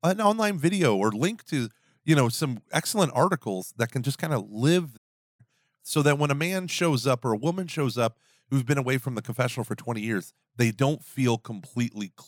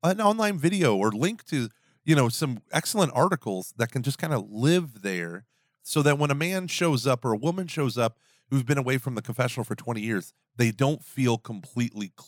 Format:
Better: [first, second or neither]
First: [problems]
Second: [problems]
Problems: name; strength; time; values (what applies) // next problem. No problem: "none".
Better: second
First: audio cutting out; at 5 s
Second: none